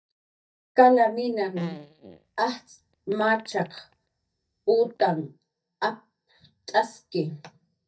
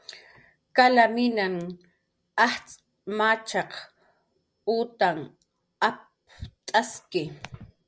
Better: second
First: noise reduction (neural mask model DeepFilterNet 3)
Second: none

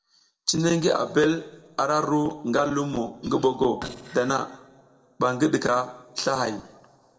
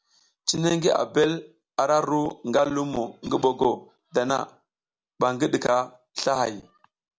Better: second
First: noise reduction (neural separator model SepFormer DNS4)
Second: none

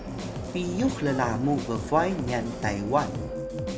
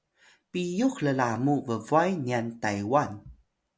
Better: second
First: background sound (Drum kit + Subway, metro, underground); 5 dB below the speech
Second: none

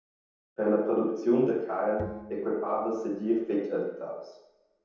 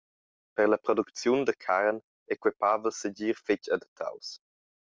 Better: second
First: background sound (Bowed string instrument); 16 dB below the speech // room echo; dies away in 0.9 s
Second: none

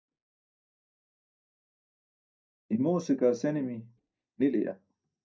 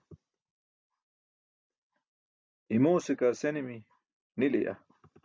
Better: second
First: noise reduction (neural mask model DeepFilterNet 3)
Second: none

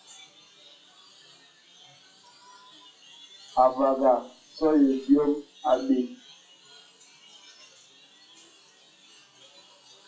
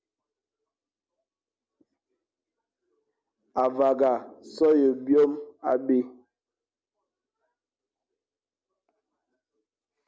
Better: second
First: noise reduction (classical method WPE with log-MMSE)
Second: none

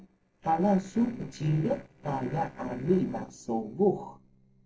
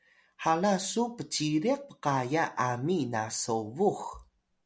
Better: second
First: noise reduction (neural separator model SepFormer DNS4)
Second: none

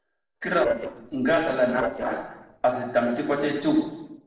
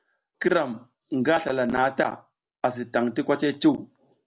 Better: second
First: noise reduction (neural separator model SepFormer DNS4)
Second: none

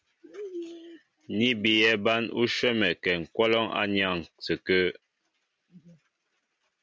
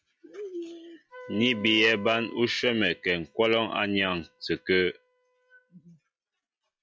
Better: first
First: none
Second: noise reduction (classical method log-MMSE)

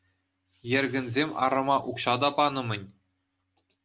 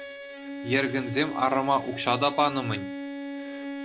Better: first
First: none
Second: background sound (Bowed string instrument); 8 dB below the speech

